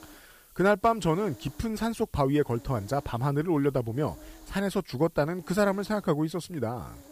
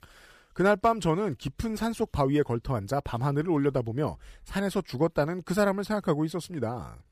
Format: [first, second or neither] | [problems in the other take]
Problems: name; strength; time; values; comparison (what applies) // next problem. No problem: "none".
second | hiss; faint; throughout; 25 dB below the speech